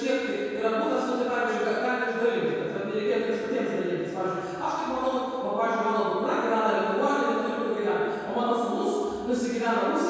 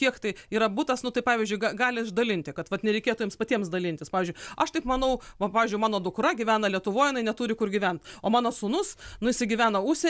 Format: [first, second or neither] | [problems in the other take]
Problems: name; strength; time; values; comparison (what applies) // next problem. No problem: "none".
second | room echo; dies away in 2.2 s